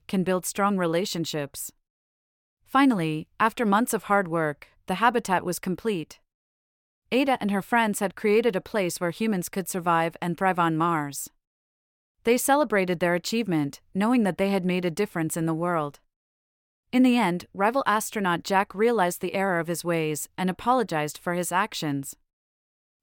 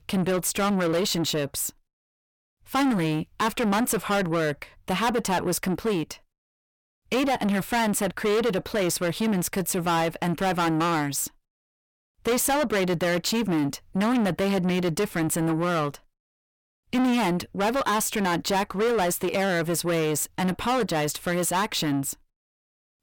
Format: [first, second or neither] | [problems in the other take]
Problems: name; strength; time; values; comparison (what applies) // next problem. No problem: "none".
first | distortion; heavy; 6 dB below the speech